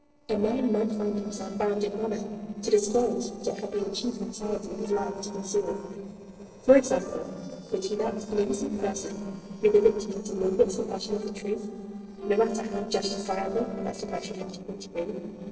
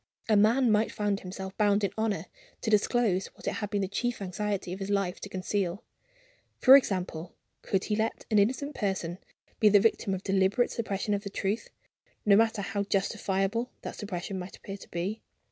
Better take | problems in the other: second | noise reduction (neural separator model SepFormer DNS4)

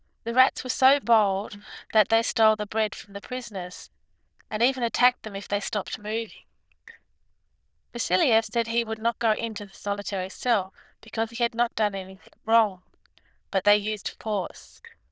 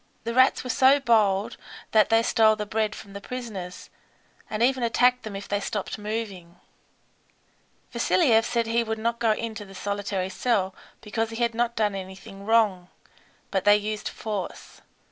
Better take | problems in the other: second | noise reduction (neural diffusion model UNIVERSE++)

